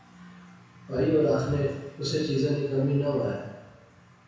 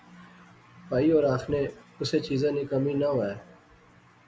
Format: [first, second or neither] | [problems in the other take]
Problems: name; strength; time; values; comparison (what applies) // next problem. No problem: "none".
second | room echo; dies away in 1 s